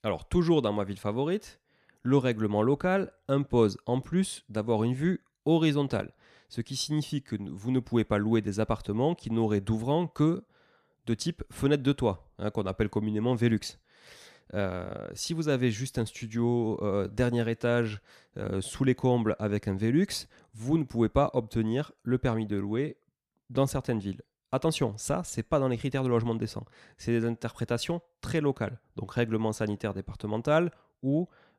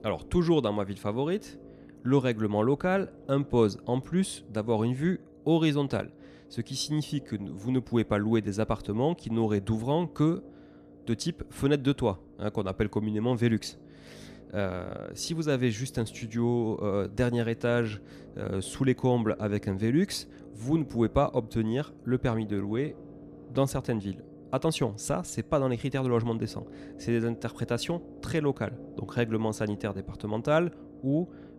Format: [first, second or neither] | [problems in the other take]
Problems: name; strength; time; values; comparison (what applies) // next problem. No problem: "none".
first | low rumble; faint; throughout; 20 dB below the speech